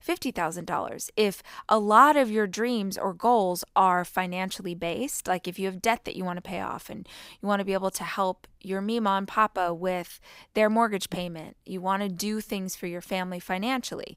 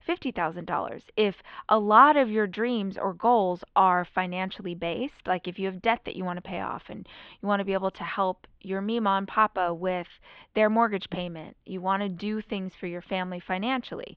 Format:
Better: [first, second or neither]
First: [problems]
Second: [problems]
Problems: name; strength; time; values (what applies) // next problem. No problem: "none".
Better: first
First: none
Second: muffled; very; fading above 3.5 kHz